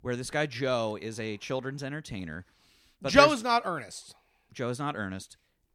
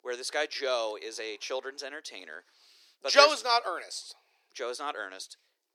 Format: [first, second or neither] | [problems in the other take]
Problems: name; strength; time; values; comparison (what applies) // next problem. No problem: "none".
first | thin; very; fading below 350 Hz